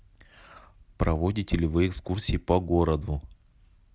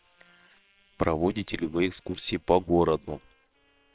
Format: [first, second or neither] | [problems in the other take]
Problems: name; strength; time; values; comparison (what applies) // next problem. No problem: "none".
first | noise reduction (neural separator model SepFormer WHAM!)